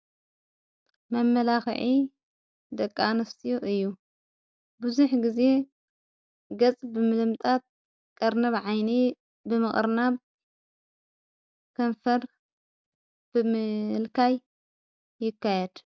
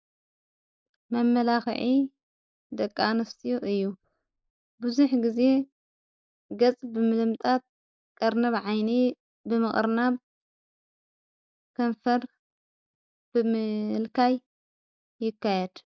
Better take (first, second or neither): first